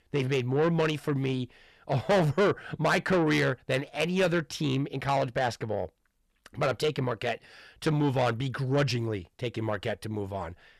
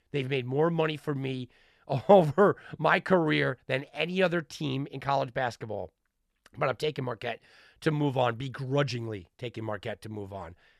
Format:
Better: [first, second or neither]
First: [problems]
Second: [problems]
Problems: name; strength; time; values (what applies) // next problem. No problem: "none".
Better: second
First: distortion; heavy; 6 dB below the speech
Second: none